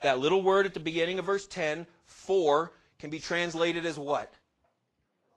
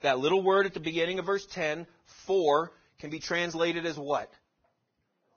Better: first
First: garbled, watery; slightly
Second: garbled, watery; badly; nothing above 6.5 kHz

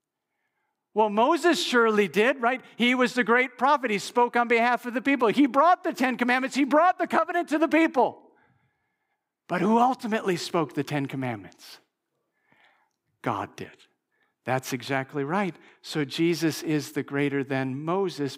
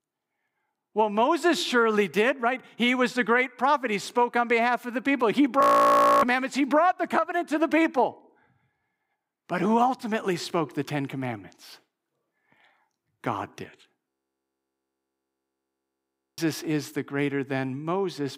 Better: first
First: none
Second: audio freezing; at 5.5 s for 0.5 s and at 14 s for 2.5 s

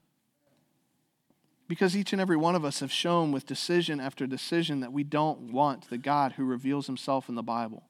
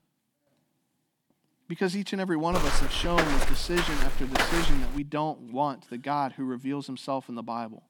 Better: first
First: none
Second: footsteps; loud; from 2.5 to 5 s; peak 4 dB above the speech

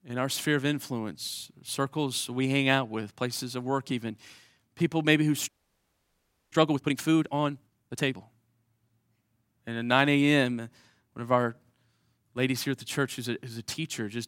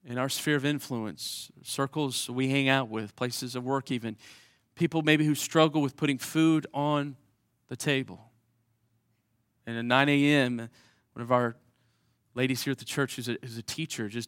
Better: second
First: audio freezing; at 5.5 s for 1 s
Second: none

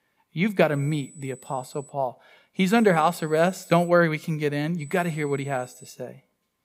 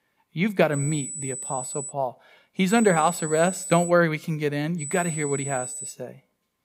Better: first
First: high-pitched whine; faint; from 0.5 to 2 s, from 2.5 to 4 s and from 5 to 6 s; 8 kHz, 25 dB below the speech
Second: high-pitched whine; loud; from 0.5 to 2 s, from 2.5 to 4 s and from 5 to 6 s; 8 kHz, 8 dB below the speech

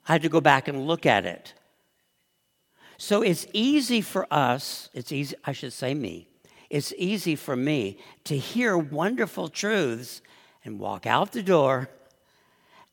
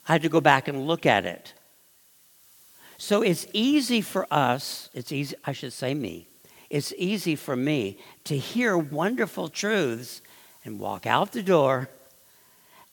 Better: first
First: none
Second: hiss; faint; throughout; 30 dB below the speech

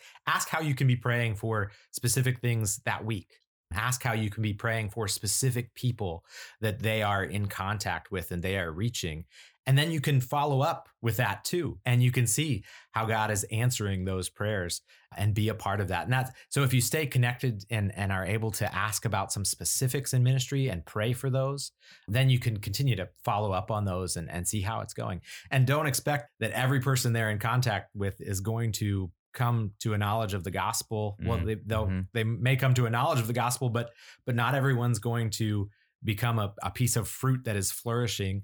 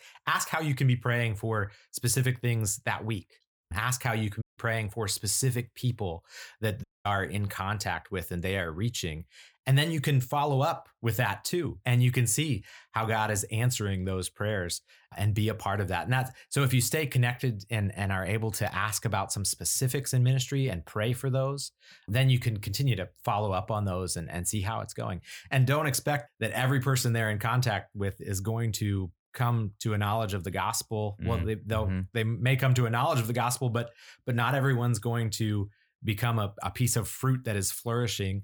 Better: first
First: none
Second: audio cutting out; at 4.5 s and at 7 s

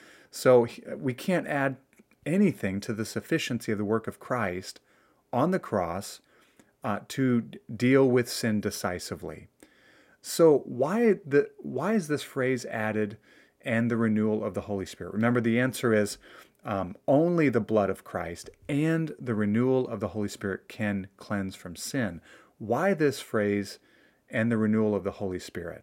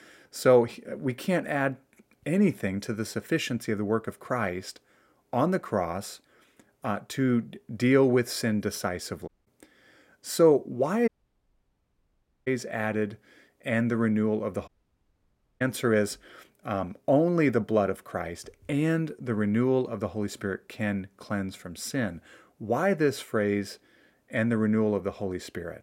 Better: first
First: none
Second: audio cutting out; at 9.5 s, at 11 s for 1.5 s and at 15 s for 1 s

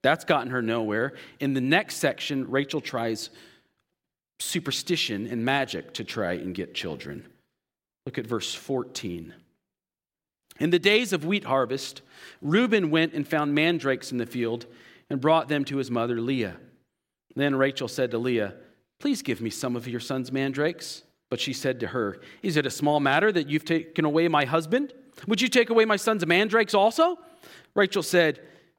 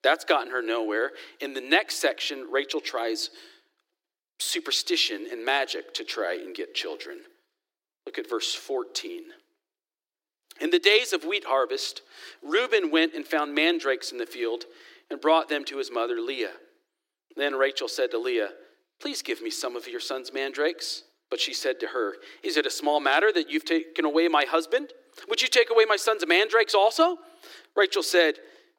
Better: first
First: none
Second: thin; somewhat; fading below 300 Hz

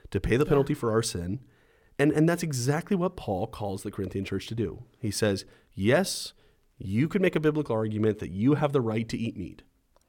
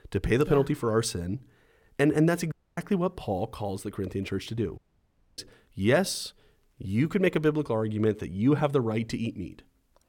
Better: first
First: none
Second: audio cutting out; at 2.5 s and at 5 s for 0.5 s

